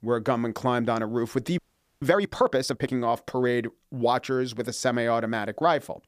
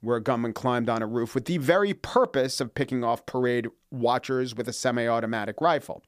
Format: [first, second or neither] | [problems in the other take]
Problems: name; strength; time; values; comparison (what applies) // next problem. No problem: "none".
second | audio freezing; at 1.5 s